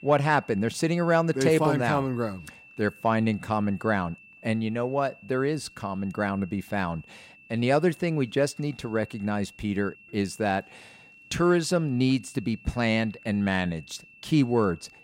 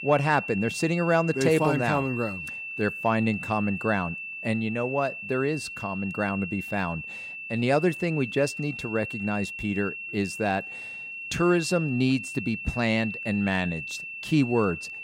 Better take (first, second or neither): first